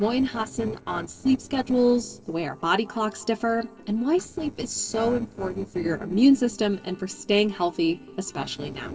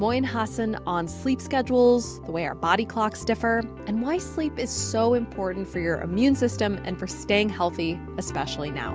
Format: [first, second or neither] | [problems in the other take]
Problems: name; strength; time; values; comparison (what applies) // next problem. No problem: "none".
second | noise reduction (neural separator model SepFormer DNS4)